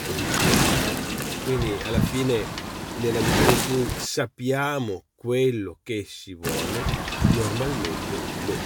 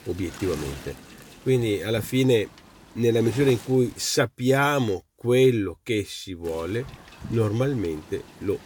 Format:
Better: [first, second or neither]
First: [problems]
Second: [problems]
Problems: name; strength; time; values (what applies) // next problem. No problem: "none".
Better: second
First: wind noise on the microphone; heavy; until 4 s and from 6.5 s on; 3 dB above the speech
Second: wind noise on the microphone; occasional gusts; until 4 s and from 6.5 s on; 15 dB below the speech